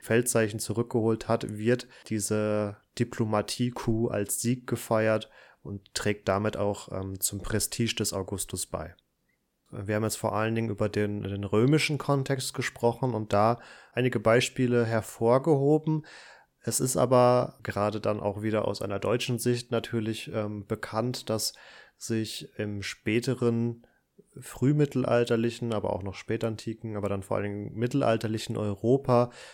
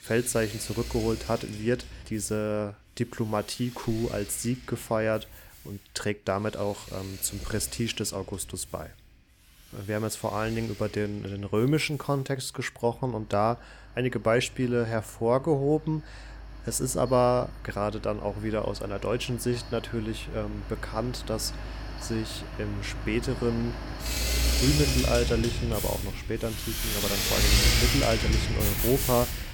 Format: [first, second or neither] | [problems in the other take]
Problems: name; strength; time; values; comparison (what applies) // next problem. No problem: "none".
first | machinery noise; loud; throughout; as loud as the speech